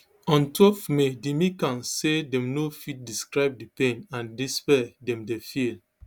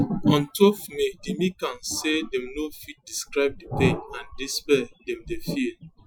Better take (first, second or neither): first